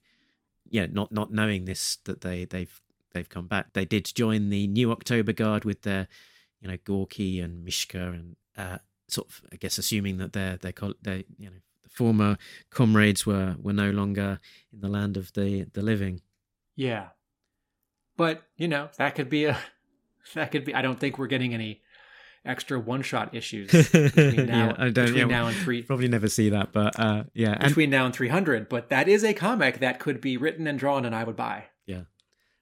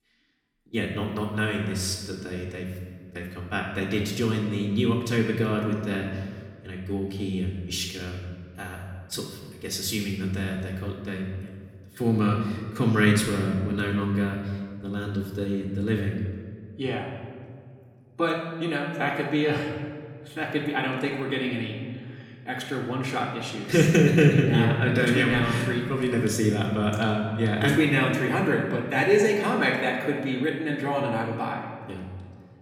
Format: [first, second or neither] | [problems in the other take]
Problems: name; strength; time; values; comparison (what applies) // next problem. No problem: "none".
first | room echo; noticeable; dies away in 1.4 s // off-mic speech; far